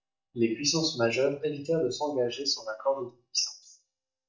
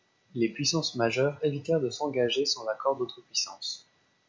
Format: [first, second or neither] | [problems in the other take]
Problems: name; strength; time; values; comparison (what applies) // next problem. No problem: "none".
second | noise reduction (neural mask model DeepFilterNet 3)